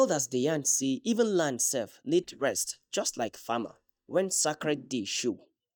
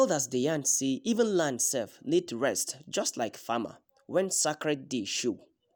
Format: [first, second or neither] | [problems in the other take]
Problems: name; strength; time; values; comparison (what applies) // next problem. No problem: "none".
second | noise reduction (neural mask model DeepFilterNet 3)